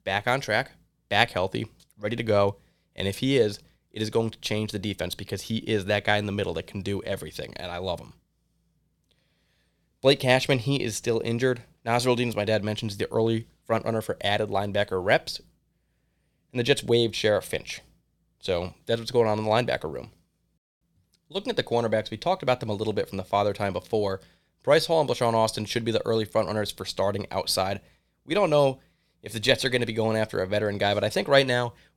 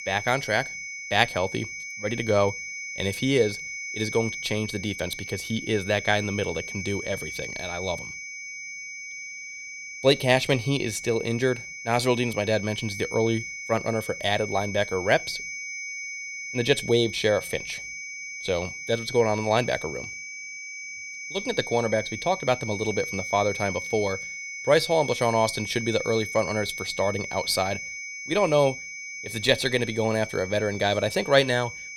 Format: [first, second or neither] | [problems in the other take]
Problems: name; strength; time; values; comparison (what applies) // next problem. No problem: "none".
first | high-pitched whine; loud; throughout; 2.5 kHz, 8 dB below the speech